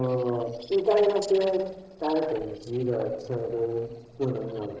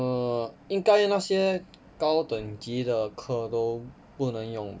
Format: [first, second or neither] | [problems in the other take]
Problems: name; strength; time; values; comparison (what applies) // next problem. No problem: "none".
second | noise reduction (neural separator model SepFormer DNS4)